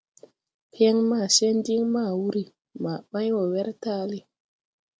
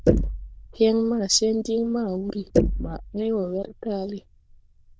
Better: first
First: none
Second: noise reduction (neural diffusion model UNIVERSE++)

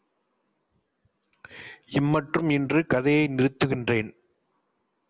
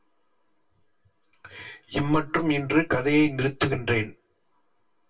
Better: first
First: none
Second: room echo; dies away in 0.2 s

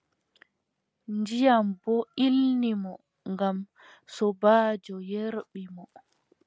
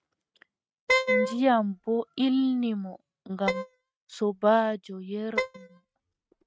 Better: first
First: none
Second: noise reduction (neural mask model RNNoise)

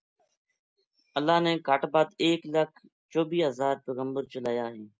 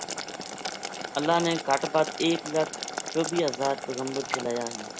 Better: first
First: none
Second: background sound (Boiling); 7 dB below the speech

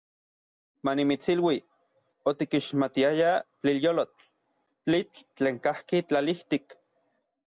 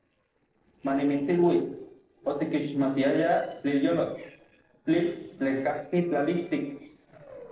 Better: first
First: none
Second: noise reduction (neural separator model SepFormer DNS4)

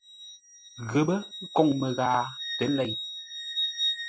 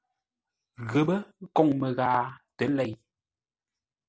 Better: second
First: noise reduction (classical method Wiener filter)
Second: none

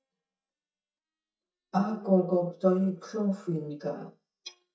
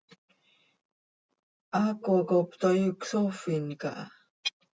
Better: second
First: noise reduction (neural mask model DeepFilterNet 3)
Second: none

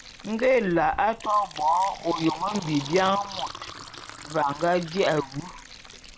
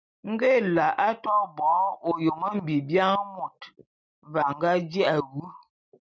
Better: second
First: background sound (Fill (with liquid)); 14 dB below the speech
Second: none

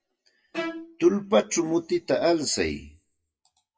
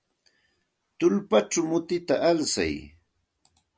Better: second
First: noise reduction (classical method WPE with log-MMSE)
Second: none

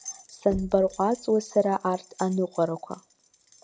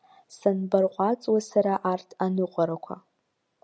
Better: second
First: background sound (Keys jangling + Knock); 18 dB below the speech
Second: none

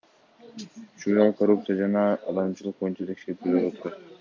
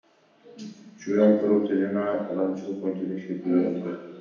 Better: first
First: none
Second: room echo; dies away in 0.9 s

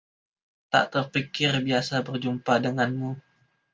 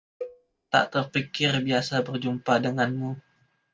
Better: first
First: none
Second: background sound (Cowbell); 18 dB below the speech

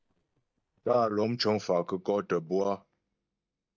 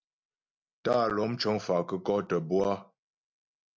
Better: second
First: noise reduction (neural mask model DeepFilterNet 3)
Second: none

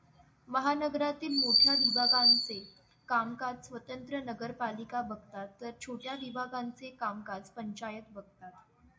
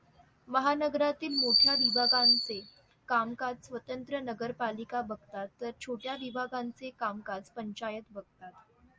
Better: second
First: room echo; dies away in 0.3 s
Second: none

